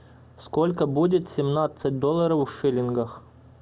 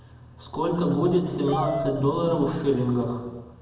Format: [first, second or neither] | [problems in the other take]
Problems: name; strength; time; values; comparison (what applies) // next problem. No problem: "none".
first | background sound (Dog); 10 dB below the speech // room echo; dies away in 1.1 s